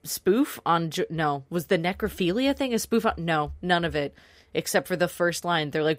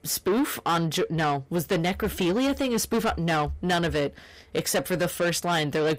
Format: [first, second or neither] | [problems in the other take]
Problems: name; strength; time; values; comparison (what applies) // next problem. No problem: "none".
first | distortion; heavy; 8 dB below the speech